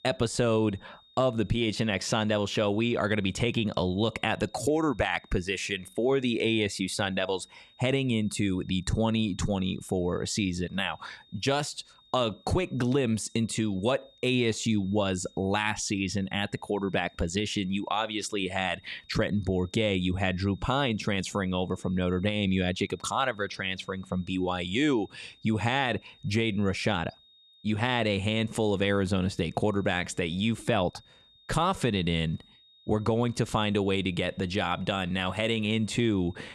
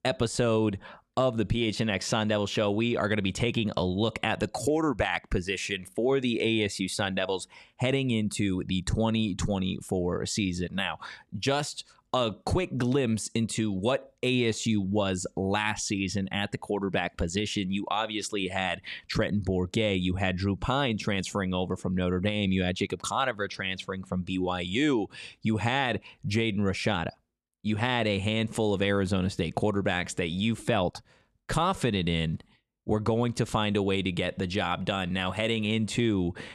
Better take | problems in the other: second | high-pitched whine; faint; throughout; 3.5 kHz, 30 dB below the speech

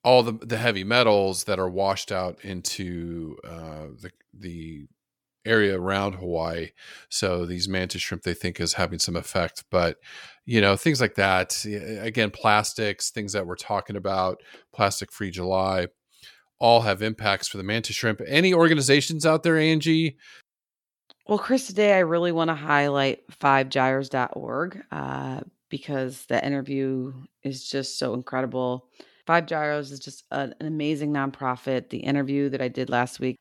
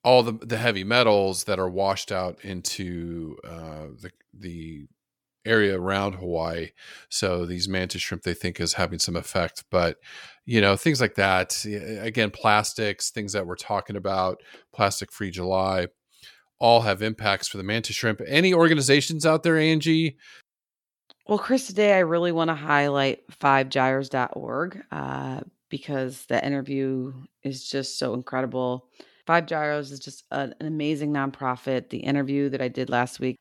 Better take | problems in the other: neither | none

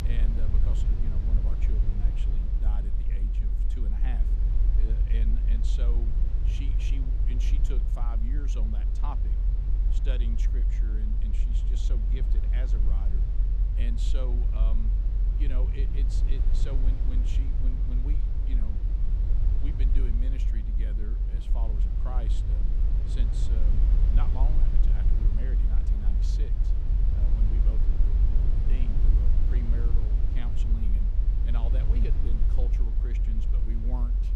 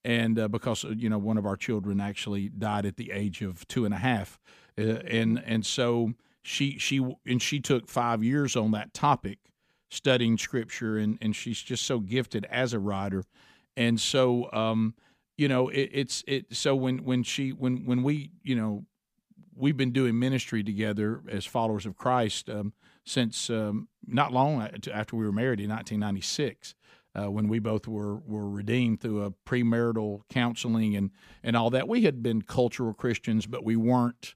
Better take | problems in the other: second | low rumble; loud; throughout; as loud as the speech

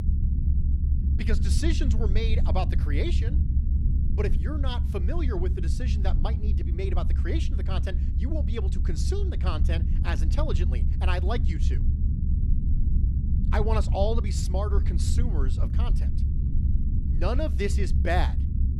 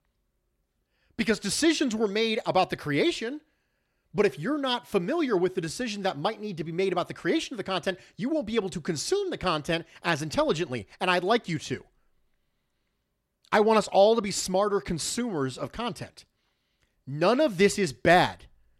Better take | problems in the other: second | low rumble; loud; throughout; 8 dB below the speech

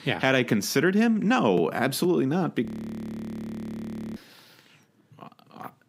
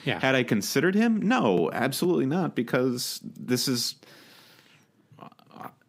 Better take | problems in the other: second | audio freezing; at 2.5 s for 1.5 s

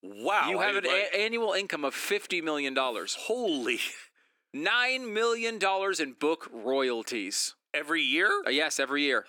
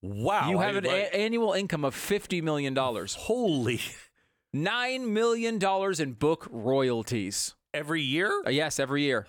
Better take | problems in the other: second | thin; very slightly; fading below 300 Hz

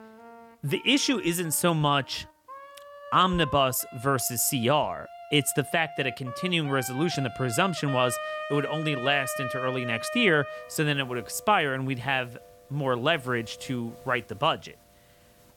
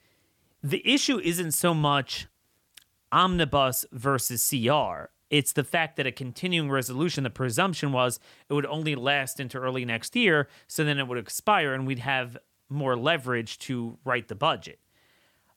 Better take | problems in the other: second | background music; noticeable; throughout; 10 dB below the speech

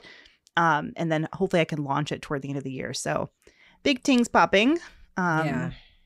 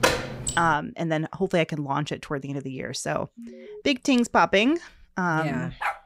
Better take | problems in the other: first | door banging; loud; at the start; peak 2 dB above the speech // alarm; faint; at 3.5 s; peak 15 dB below the speech // dog barking; noticeable; at 6 s; peak 5 dB below the speech

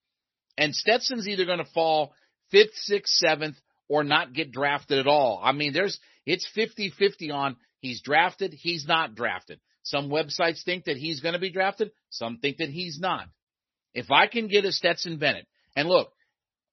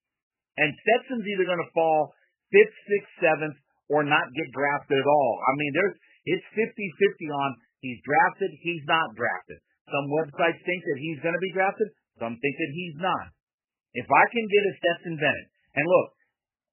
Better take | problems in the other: first | garbled, watery; badly; nothing above 3 kHz; slightly in the first

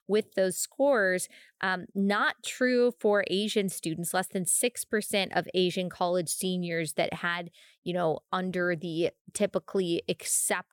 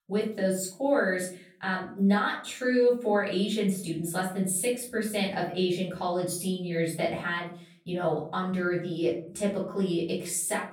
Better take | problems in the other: first | off-mic speech; far // room echo; slight; dies away in 0.4 s

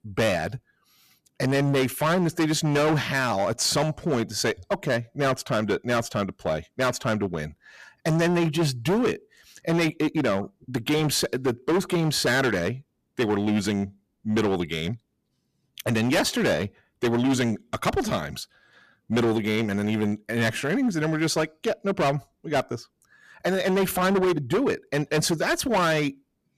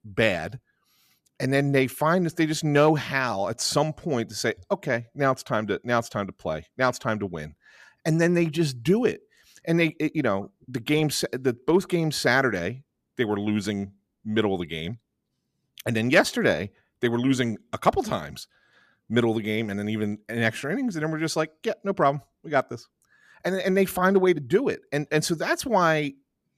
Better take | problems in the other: second | distortion; heavy; 13% of the sound clipped

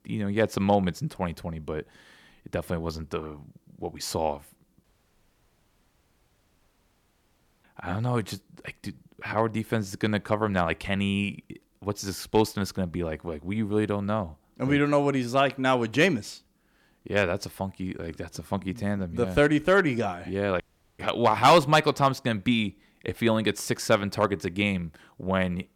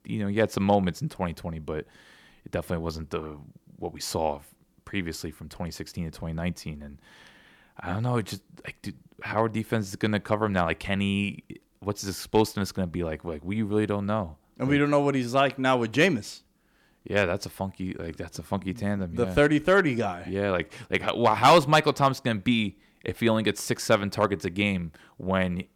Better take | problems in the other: second | audio cutting out; at 5 s for 3 s and at 21 s

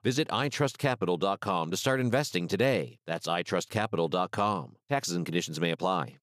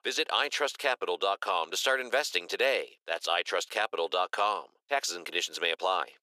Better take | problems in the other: first | thin; very; fading below 450 Hz

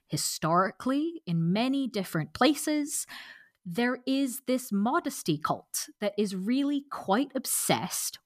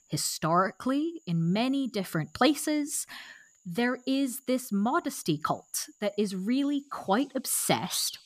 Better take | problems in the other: first | animal sounds; loud; throughout; 7 dB below the speech

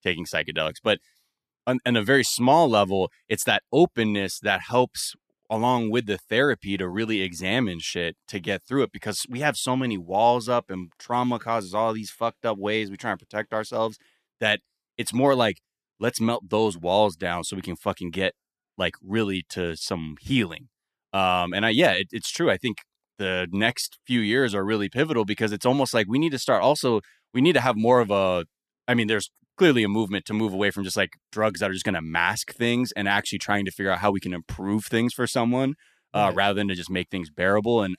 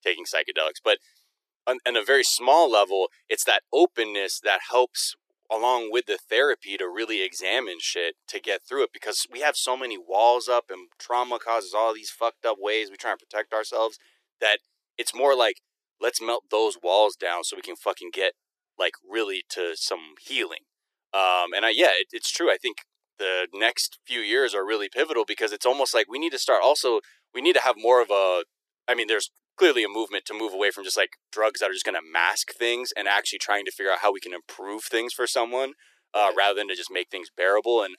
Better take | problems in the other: first | thin; very; fading below 350 Hz

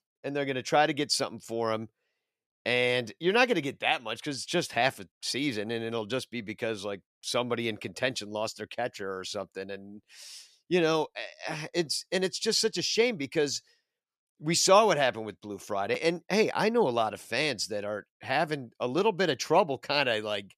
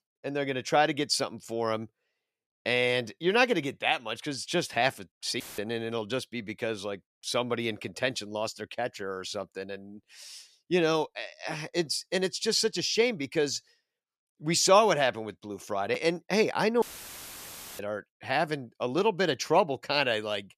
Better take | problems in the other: first | audio cutting out; filled with static; at 5.5 s and at 17 s for 1 s

